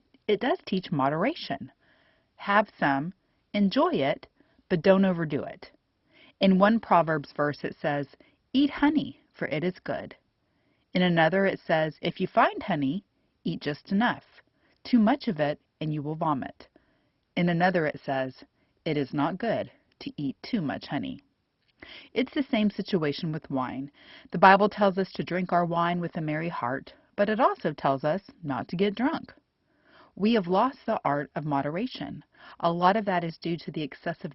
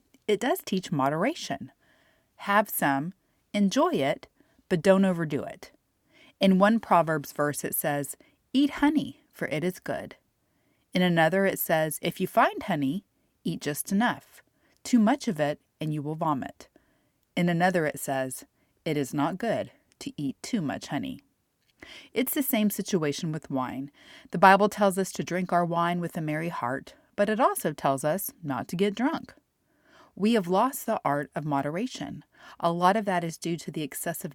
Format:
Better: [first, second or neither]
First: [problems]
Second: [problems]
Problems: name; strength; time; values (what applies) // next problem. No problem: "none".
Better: second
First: garbled, watery; badly; nothing above 5.5 kHz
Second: none